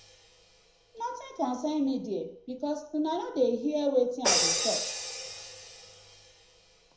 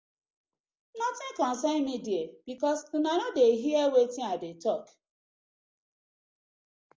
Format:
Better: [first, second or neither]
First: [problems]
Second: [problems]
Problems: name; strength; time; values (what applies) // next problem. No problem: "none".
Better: second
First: background sound (Crash cymbal); 4 dB below the speech // room echo; dies away in 0.5 s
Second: none